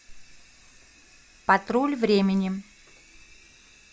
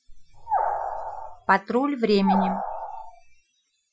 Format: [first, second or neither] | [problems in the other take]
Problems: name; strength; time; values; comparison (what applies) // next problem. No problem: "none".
first | noise reduction (classical method Wiener filter)